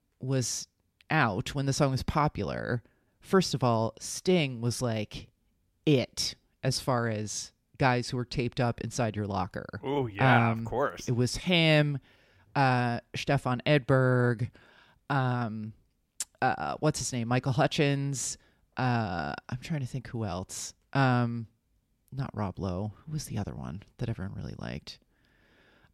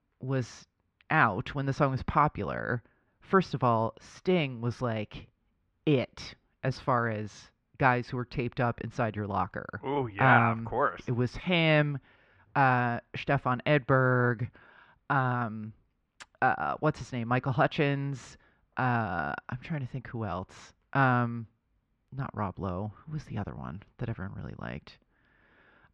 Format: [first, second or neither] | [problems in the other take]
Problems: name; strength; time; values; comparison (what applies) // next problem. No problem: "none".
first | muffled; very; fading above 2.5 kHz